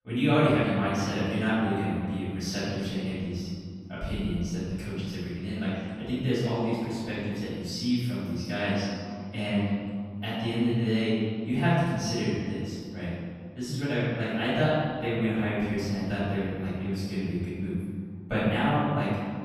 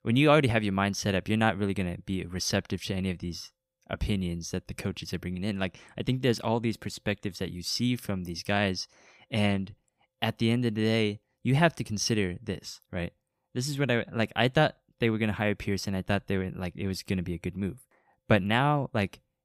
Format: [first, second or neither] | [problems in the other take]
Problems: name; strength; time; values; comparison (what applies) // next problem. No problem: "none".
second | room echo; strong; dies away in 2.2 s // off-mic speech; far